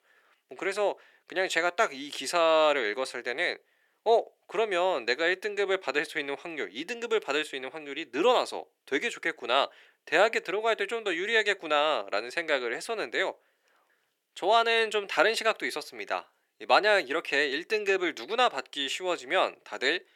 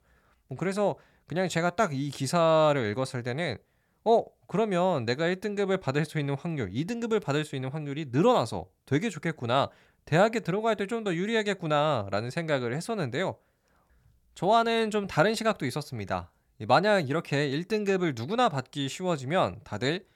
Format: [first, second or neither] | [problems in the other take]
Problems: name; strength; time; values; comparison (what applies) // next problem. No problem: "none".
second | thin; somewhat; fading below 350 Hz